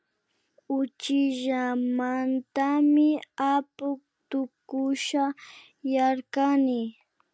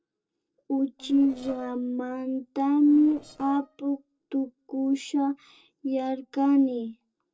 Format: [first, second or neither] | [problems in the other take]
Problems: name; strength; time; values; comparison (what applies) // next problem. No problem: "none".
first | noise reduction (neural separator model SepFormer DNS4)